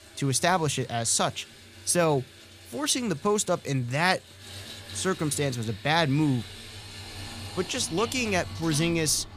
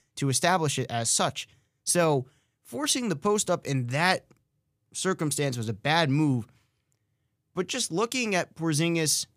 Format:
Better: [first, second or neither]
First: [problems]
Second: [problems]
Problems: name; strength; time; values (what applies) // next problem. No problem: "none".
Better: second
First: household noises; noticeable; throughout; 15 dB below the speech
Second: none